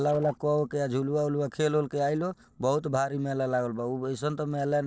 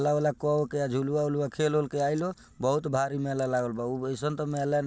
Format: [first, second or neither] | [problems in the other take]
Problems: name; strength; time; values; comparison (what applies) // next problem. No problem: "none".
second | noise reduction (neural separator model SepFormer DNS4)